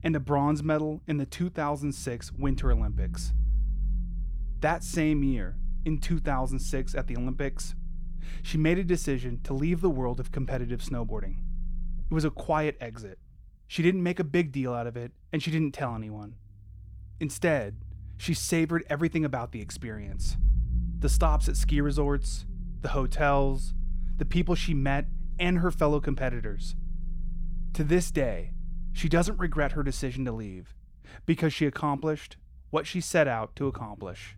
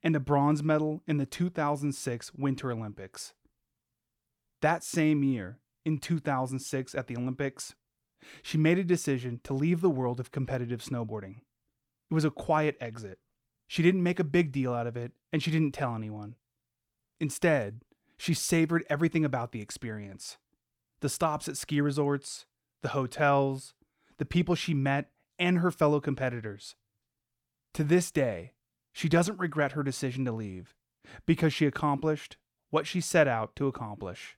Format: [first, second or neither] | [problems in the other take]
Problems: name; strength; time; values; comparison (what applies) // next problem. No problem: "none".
second | low rumble; faint; throughout; 25 dB below the speech